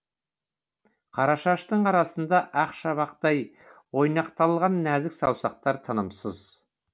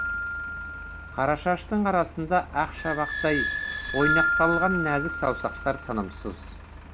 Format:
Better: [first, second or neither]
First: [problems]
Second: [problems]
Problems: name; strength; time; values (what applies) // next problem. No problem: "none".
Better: first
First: none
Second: background sound (Keyboard (musical) + Squeak / Idling); 3 dB below the speech